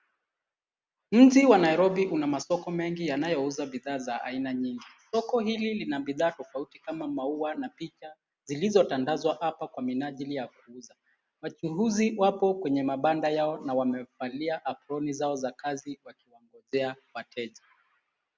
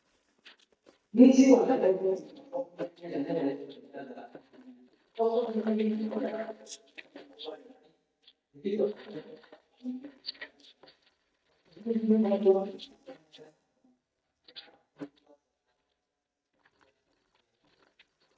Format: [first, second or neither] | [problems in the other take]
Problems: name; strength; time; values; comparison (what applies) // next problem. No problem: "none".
first | noise reduction (neural mask model DeepFilterNet 3)